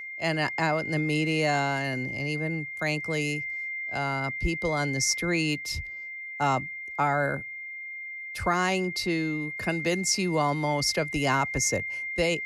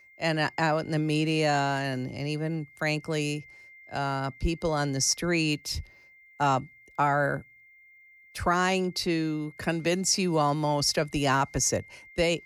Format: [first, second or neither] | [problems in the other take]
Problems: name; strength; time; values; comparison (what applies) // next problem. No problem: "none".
second | high-pitched whine; loud; throughout; 2 kHz, 5 dB below the speech; faint in the second